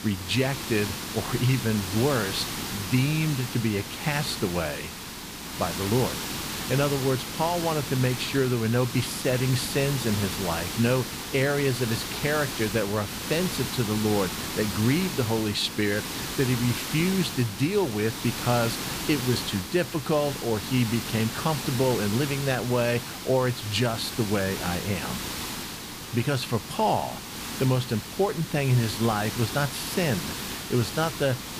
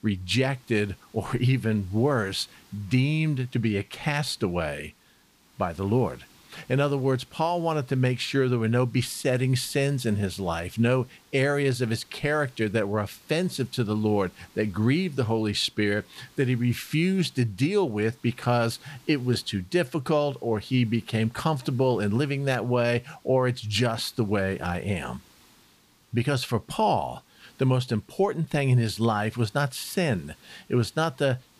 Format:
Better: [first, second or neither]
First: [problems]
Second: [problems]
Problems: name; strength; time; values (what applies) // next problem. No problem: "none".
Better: second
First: hiss; loud; throughout; 6 dB below the speech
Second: hiss; faint; throughout; 30 dB below the speech